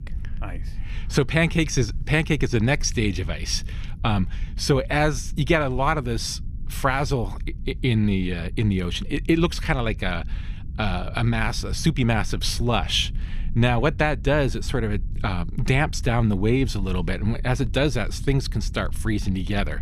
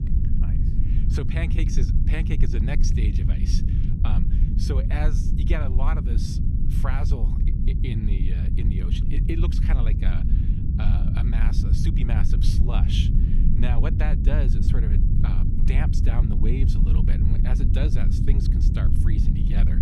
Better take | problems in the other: first | low rumble; loud; throughout; 1 dB below the speech; faint in the first

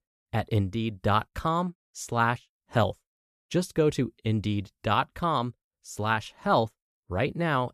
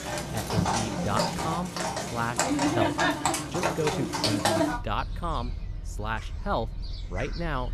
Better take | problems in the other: first | animal sounds; very loud; throughout; 4 dB above the speech

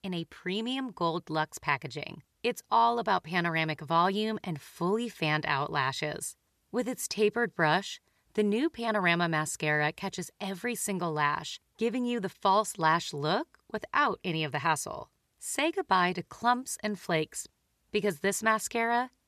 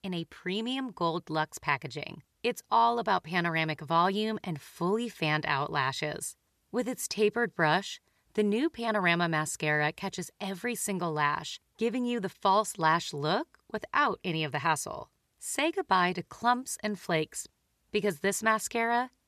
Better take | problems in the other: neither | none

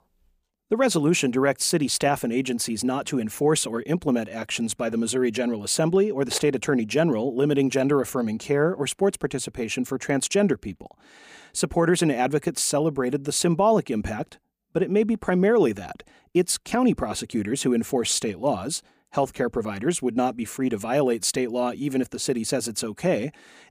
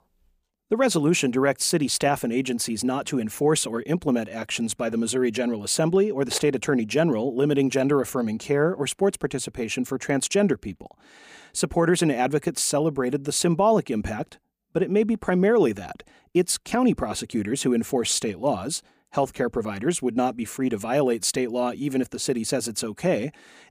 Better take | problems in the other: neither | none

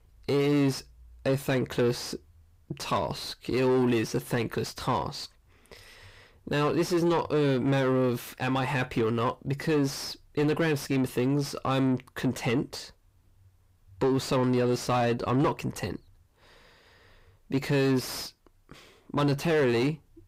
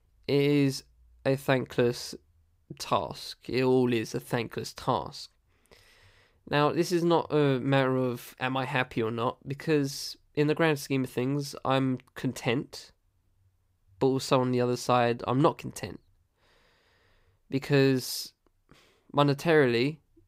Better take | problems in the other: second | distortion; heavy; 7 dB below the speech

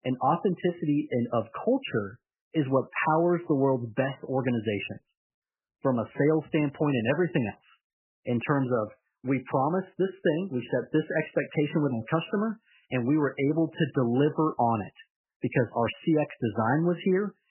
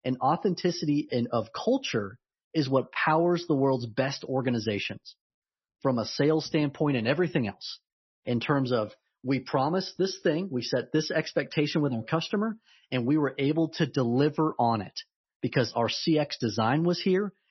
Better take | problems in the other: second | garbled, watery; badly; nothing above 3 kHz; slightly in the second

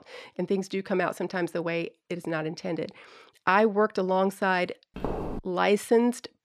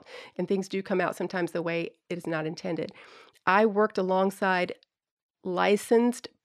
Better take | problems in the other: second | footsteps; noticeable; at 5 s; peak 6 dB below the speech

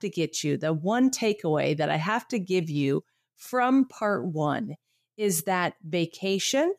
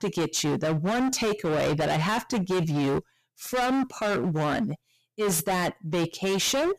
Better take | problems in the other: first | distortion; heavy; 29% of the sound clipped

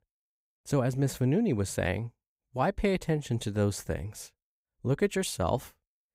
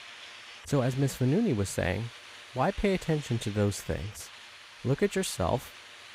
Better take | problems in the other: first | hiss; noticeable; throughout; 15 dB below the speech

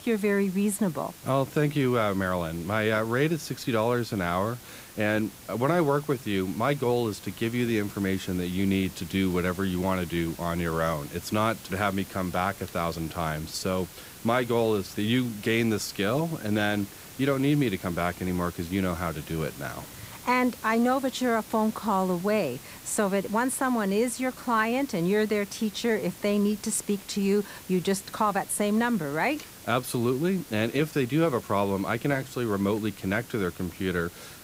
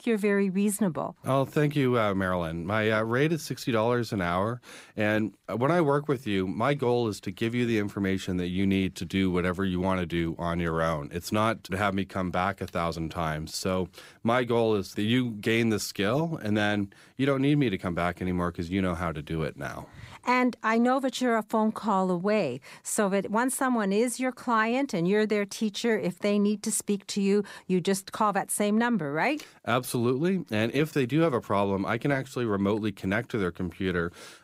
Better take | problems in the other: second | hiss; noticeable; throughout; 15 dB below the speech

